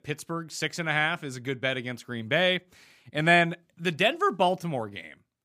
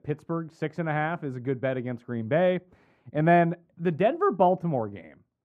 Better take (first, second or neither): first